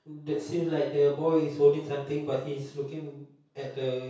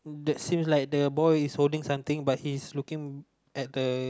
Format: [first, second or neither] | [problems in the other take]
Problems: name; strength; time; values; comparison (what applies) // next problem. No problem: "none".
second | room echo; dies away in 0.6 s